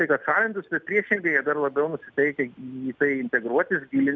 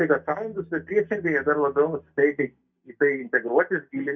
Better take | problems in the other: first | noise reduction (neural mask model DeepFilterNet 3)

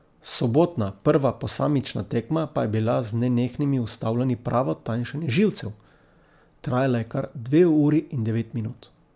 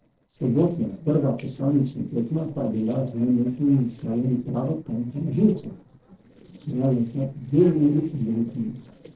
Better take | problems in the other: first | noise reduction (neural separator model SepFormer DNS4)

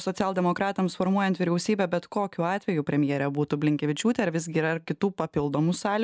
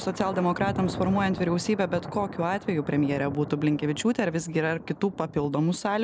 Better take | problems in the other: first | background sound (Thunder); 12 dB below the speech

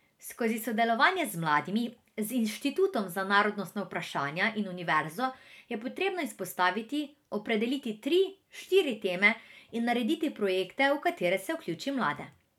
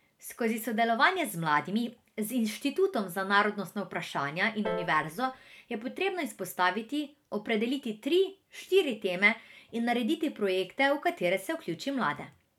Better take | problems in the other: first | background sound (Piano); 12 dB below the speech

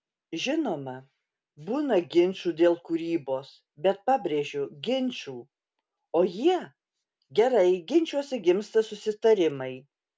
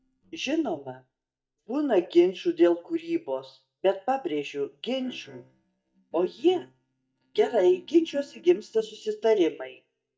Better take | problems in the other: first | noise reduction (neural mask model DeepFilterNet 3)

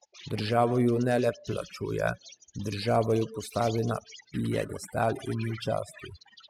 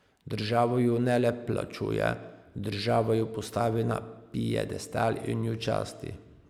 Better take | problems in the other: second | noise reduction (classical method spectral subtraction)

